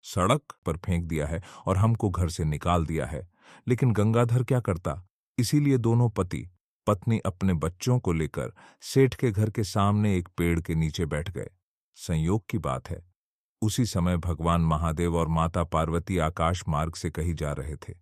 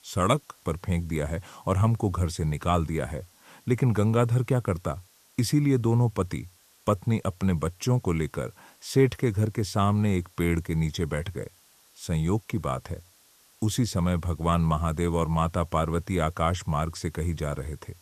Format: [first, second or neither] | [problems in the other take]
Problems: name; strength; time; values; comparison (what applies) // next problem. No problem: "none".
first | hiss; faint; throughout; 30 dB below the speech